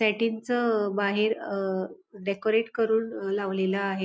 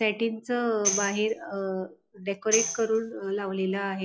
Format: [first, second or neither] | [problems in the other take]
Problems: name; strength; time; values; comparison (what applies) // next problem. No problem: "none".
first | noise reduction (classical method log-MMSE)